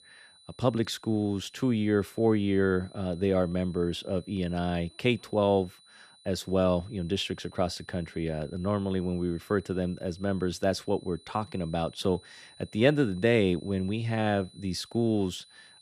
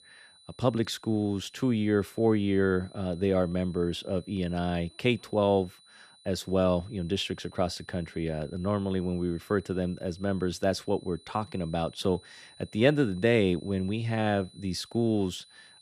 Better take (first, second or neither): neither